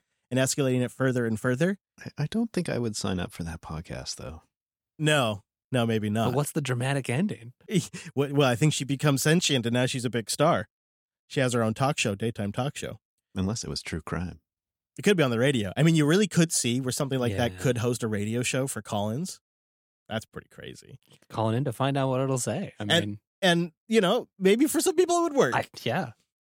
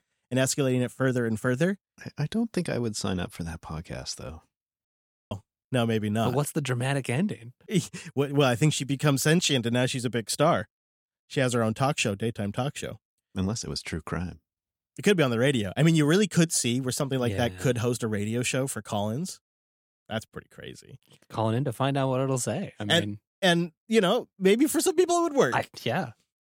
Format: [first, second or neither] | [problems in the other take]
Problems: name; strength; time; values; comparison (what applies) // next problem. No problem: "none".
first | audio cutting out; at 5 s